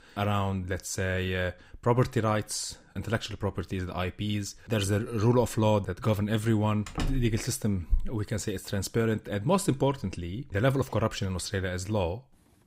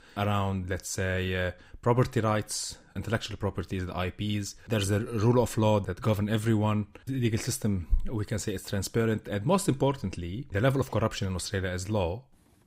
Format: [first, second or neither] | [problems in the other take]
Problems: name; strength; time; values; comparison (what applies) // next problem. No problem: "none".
second | door banging; noticeable; at 7 s; peak 5 dB below the speech